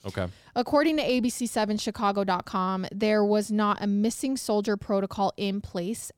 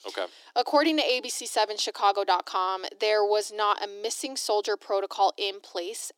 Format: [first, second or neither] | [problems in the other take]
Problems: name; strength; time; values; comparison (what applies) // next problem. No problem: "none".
first | thin; very; fading below 300 Hz